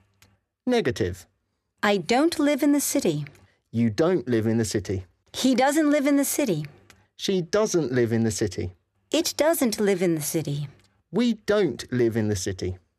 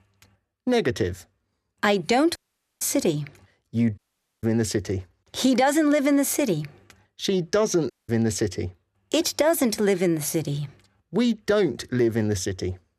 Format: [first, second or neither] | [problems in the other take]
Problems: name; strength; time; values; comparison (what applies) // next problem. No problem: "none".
first | audio cutting out; at 2.5 s, at 4 s and at 8 s